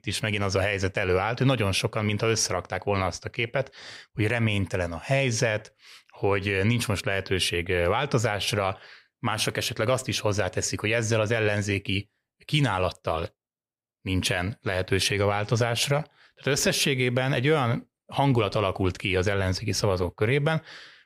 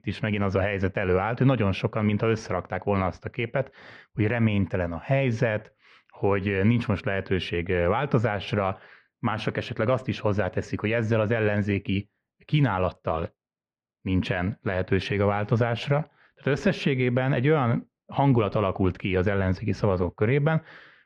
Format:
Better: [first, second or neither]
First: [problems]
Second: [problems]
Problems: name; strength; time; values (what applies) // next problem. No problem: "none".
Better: first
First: none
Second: muffled; very; fading above 2 kHz